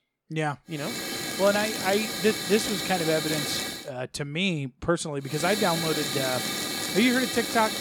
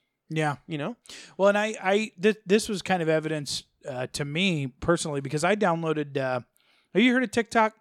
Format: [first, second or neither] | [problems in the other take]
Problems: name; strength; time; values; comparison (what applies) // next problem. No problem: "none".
second | hiss; loud; from 1 to 4 s and from 5.5 s on; 2 dB below the speech